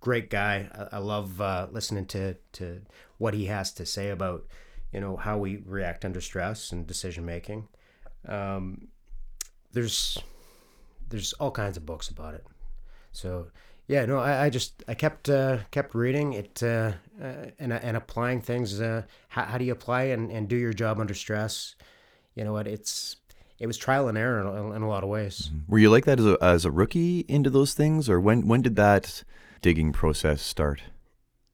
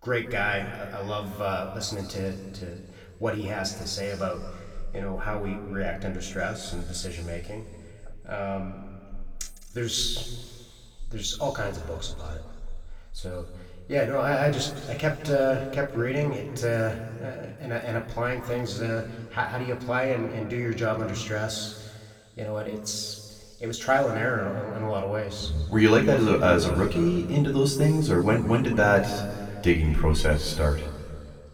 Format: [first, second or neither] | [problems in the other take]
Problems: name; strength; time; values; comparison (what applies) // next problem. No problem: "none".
first | room echo; noticeable; dies away in 1.8 s // off-mic speech; somewhat distant